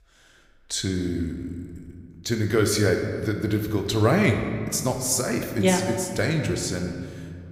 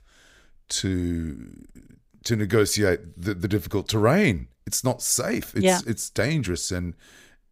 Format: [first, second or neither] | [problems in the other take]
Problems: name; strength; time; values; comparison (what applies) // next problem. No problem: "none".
second | room echo; slight; dies away in 1.8 s